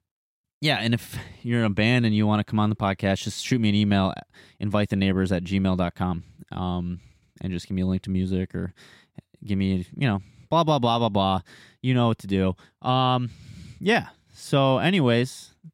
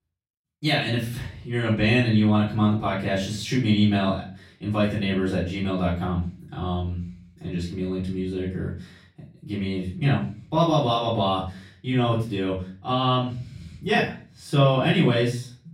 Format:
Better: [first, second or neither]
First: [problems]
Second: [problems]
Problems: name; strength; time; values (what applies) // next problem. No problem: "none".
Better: first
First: none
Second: room echo; slight; dies away in 0.4 s // off-mic speech; far